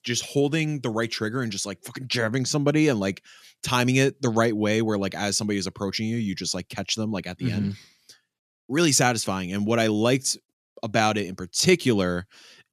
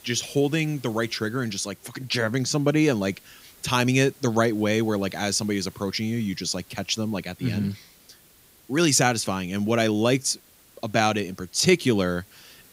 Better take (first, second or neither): first